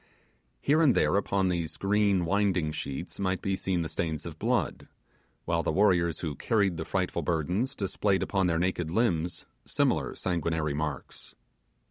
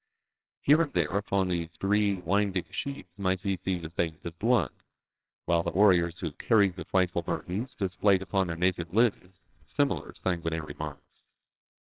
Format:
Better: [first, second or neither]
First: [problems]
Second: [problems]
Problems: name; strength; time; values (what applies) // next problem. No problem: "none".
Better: first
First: none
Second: noise reduction (neural separator model SepFormer WHAMR!)